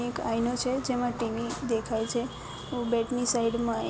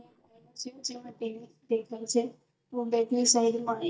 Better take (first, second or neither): first